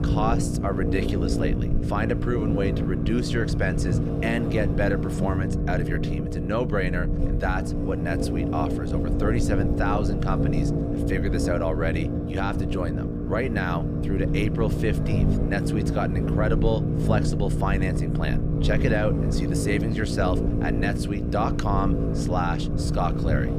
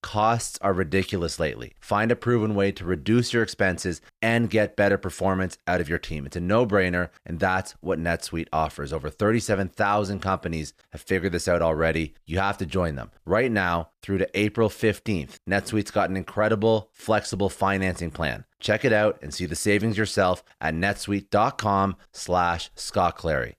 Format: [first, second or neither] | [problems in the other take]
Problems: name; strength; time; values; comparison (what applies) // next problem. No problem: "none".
second | low rumble; loud; throughout; 3 dB below the speech